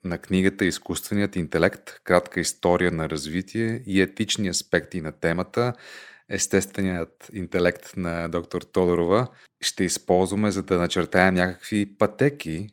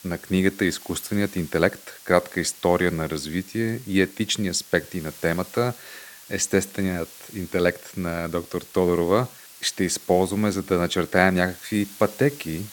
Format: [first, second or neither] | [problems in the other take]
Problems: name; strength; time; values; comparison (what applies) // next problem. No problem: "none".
first | hiss; noticeable; throughout; 20 dB below the speech